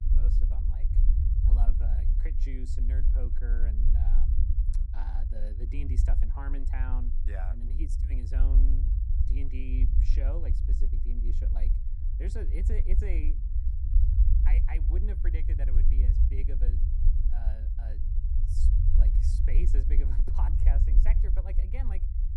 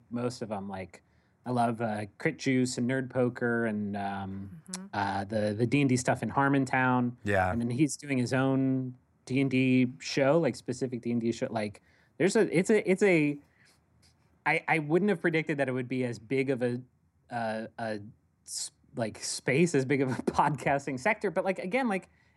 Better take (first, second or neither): second